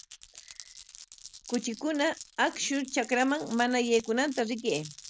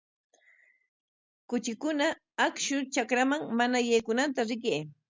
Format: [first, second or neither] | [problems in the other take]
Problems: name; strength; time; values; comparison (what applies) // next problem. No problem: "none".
second | background sound (Glass); 17 dB below the speech